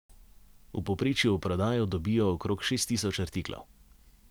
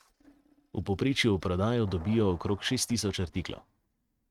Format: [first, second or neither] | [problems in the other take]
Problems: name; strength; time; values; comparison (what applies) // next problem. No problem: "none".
first | noise reduction (neural mask model RNNoise)